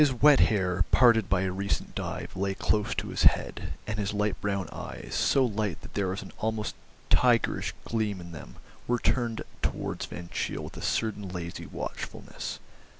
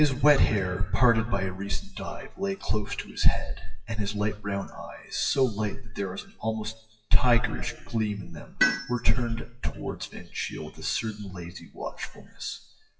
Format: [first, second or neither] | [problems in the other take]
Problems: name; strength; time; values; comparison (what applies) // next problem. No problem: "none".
first | noise reduction (classical method WPE with log-MMSE)